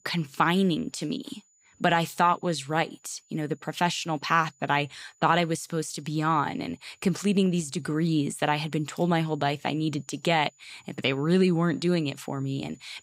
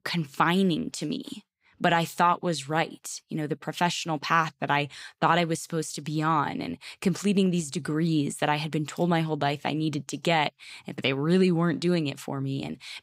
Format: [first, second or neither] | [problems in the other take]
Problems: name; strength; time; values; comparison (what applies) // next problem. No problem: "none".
second | high-pitched whine; faint; throughout; 7 kHz, 35 dB below the speech